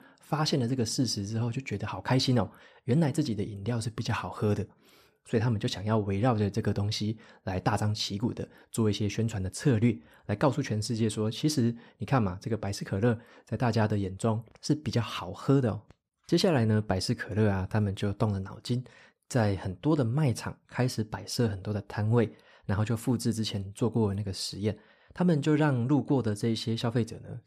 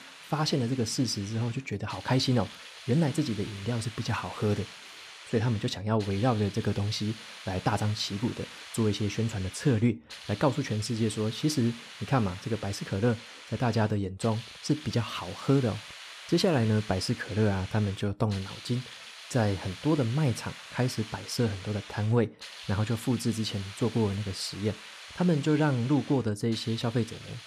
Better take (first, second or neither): first